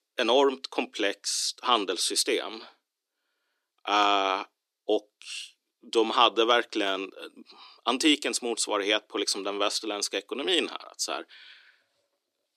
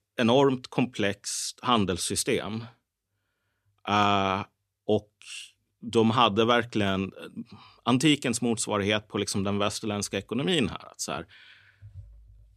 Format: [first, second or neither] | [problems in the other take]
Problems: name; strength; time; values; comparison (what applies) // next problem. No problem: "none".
second | thin; somewhat; fading below 300 Hz